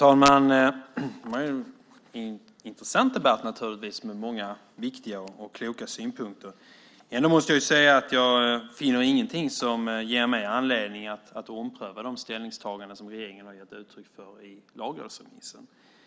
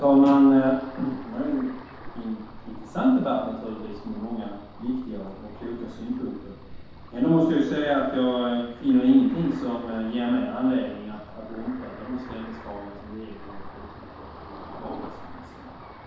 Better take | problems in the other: first | background sound (Ocean); 17 dB below the speech // room echo; dies away in 0.8 s

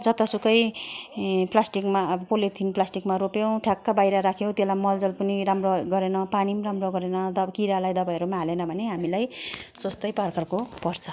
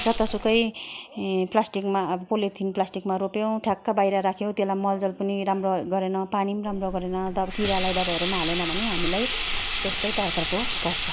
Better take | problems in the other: first | background sound (Sink (filling or washing)); 6 dB below the speech

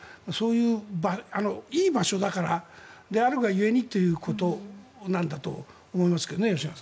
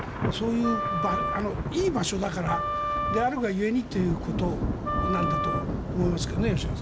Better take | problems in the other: first | background sound (Thunder / Rain + Wind instrument, woodwind instrument); as loud as the speech

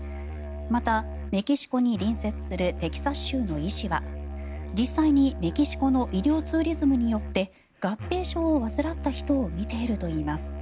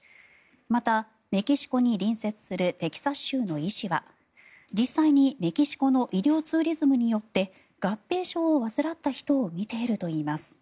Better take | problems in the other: second | background sound (Musical instrument); 8 dB below the speech

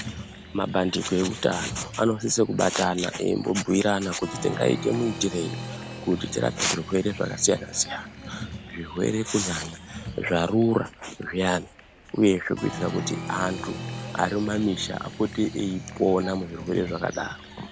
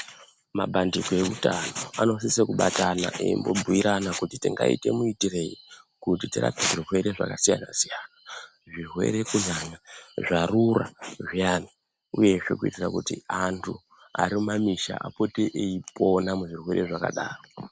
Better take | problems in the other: second | background sound (Applause); 12 dB below the speech

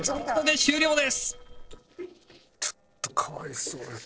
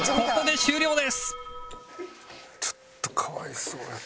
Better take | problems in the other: second | noise reduction (neural separator model SepFormer DNS4)

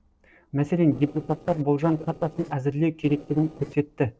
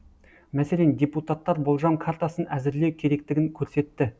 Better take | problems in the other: second | noise reduction (neural separator model SepFormer DNS4)

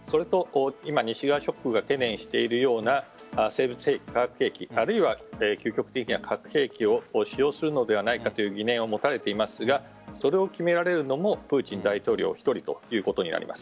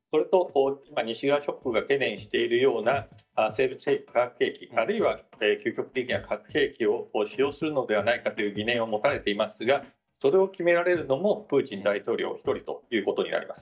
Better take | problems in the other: first | noise reduction (neural mask model DeepFilterNet 3)

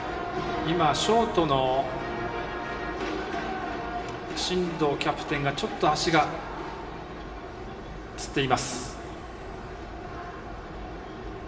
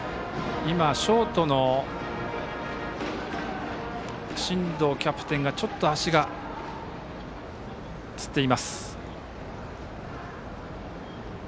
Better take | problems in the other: second | room echo; dies away in 1.6 s

